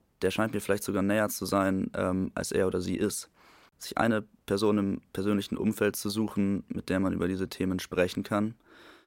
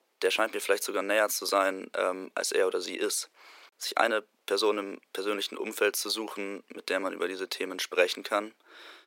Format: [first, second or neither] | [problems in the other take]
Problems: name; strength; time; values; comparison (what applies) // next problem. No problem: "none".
first | thin; very; fading below 400 Hz